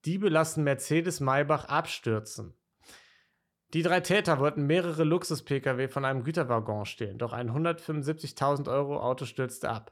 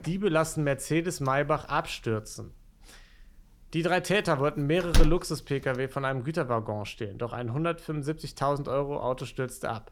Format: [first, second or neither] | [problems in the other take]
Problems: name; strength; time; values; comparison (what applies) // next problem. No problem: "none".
first | household noises; loud; throughout; 2 dB below the speech